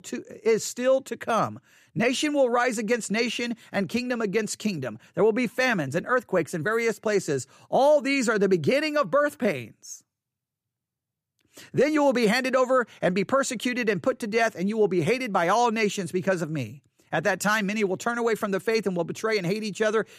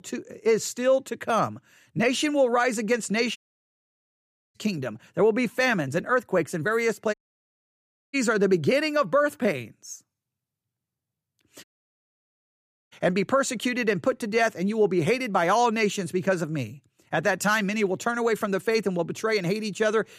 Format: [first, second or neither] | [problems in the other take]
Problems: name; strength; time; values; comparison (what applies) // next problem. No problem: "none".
first | audio cutting out; at 3.5 s for 1 s, at 7 s for 1 s and at 12 s for 1.5 s